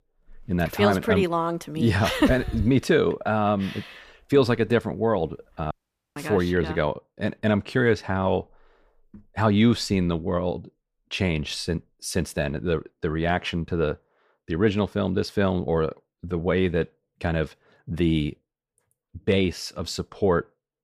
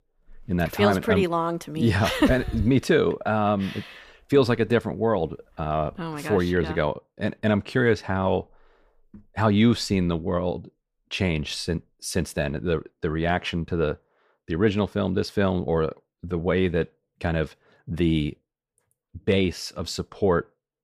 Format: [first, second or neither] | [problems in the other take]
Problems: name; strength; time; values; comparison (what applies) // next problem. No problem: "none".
second | audio cutting out; at 5.5 s